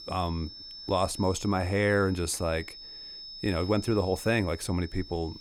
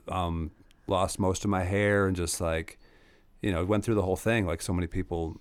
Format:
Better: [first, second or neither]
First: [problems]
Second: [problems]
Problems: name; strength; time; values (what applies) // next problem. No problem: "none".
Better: second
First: high-pitched whine; noticeable; throughout; 5.5 kHz, 15 dB below the speech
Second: none